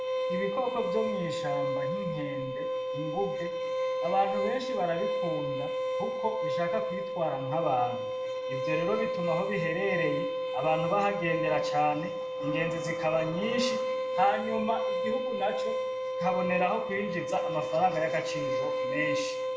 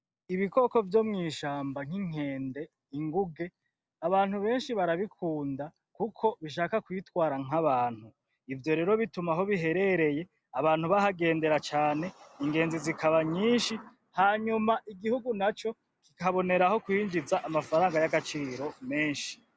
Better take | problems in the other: second | background sound (Bowed string instrument); 1 dB above the speech // room echo; dies away in 0.5 s

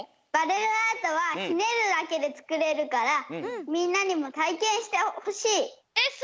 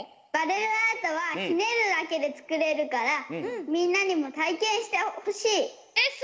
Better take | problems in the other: first | room echo; dies away in 1.8 s

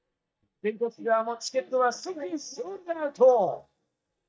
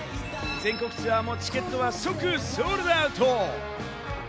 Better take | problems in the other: second | noise reduction (neural mask model DeepFilterNet 3)

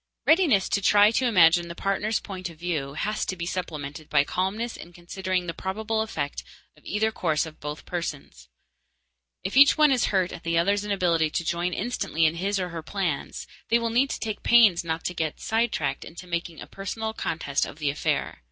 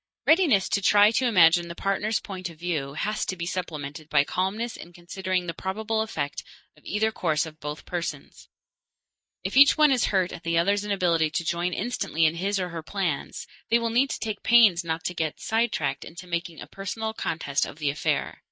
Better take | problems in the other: first | noise reduction (neural mask model Resemble Enhance denoiser)

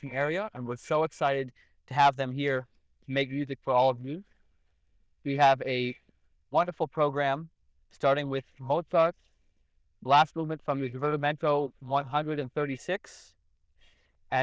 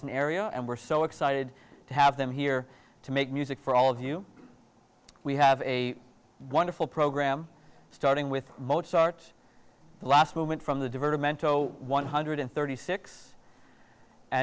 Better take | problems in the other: second | noise reduction (neural diffusion model UNIVERSE++)

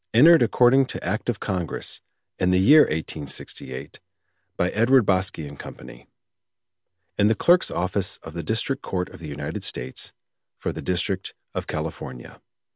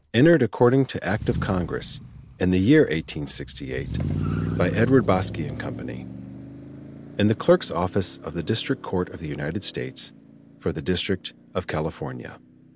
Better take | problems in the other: first | background sound (Motor vehicle (road)); 10 dB below the speech

